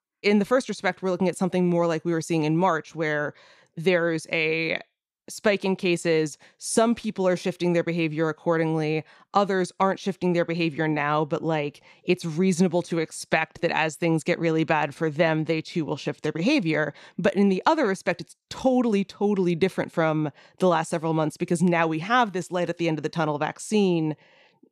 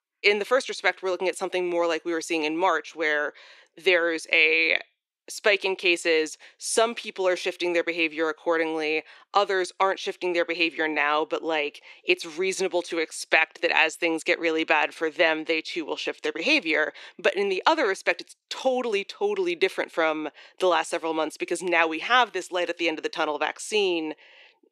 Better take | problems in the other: first | thin; very; fading below 350 Hz

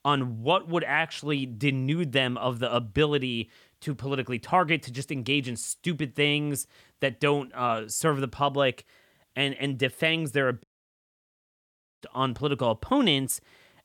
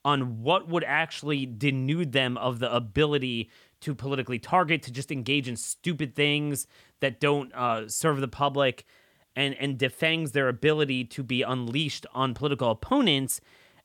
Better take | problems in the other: second | audio cutting out; at 11 s for 1.5 s

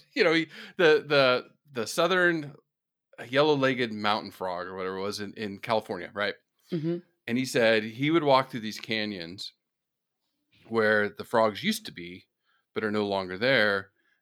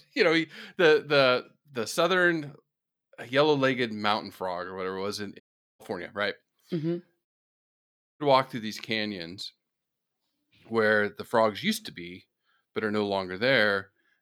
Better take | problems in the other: first | audio cutting out; at 5.5 s and at 7.5 s for 1 s

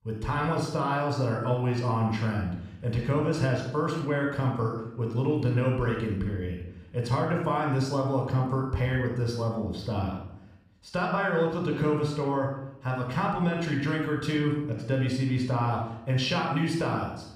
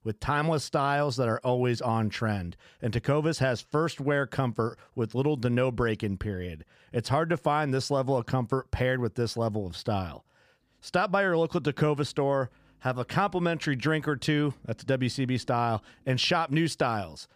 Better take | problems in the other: second | off-mic speech; somewhat distant // room echo; noticeable; dies away in 0.7 s

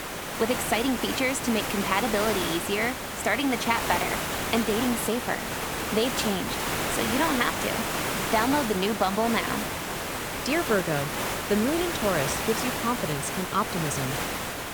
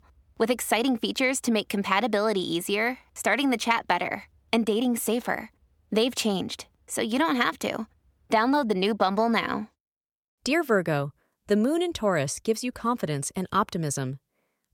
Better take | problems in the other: second | hiss; loud; throughout; 2 dB below the speech

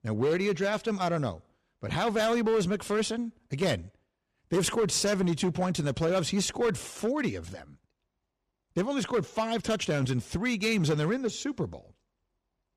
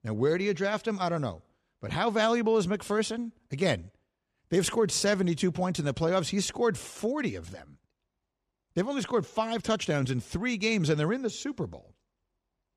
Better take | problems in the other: second | distortion; slight; 6% of the sound clipped

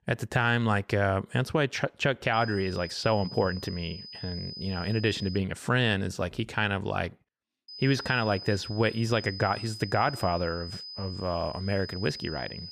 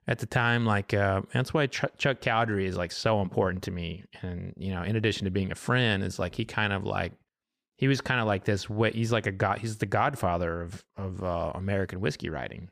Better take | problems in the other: second | high-pitched whine; noticeable; from 2.5 to 5.5 s and from 7.5 s on; 5 kHz, 10 dB below the speech

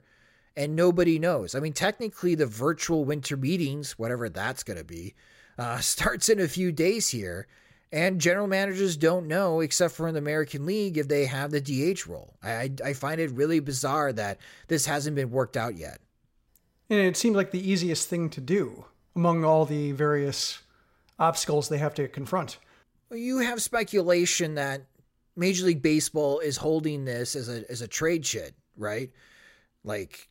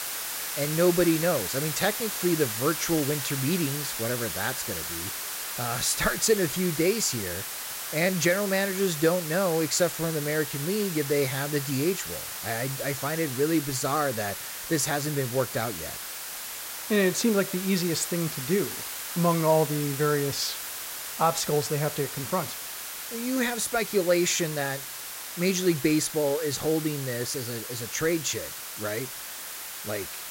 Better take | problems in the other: first | hiss; loud; throughout; 5 dB below the speech

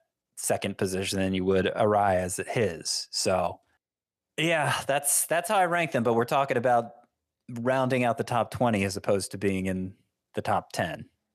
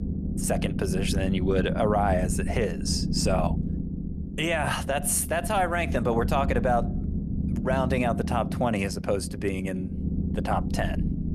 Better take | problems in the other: first | low rumble; noticeable; throughout; 10 dB below the speech

